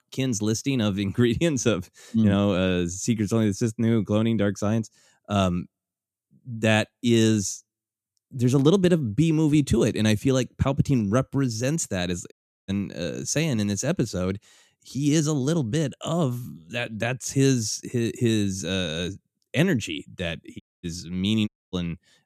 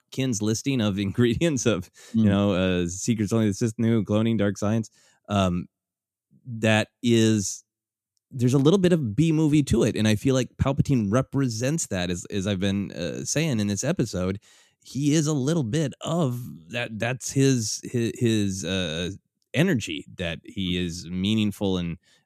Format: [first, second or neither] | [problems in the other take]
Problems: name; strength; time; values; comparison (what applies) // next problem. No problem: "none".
second | audio cutting out; at 12 s and at 21 s